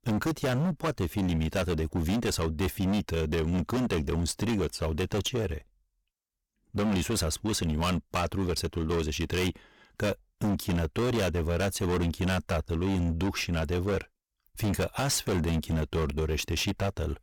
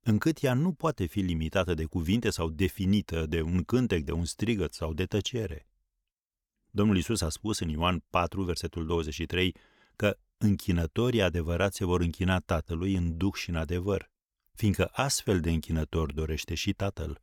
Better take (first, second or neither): second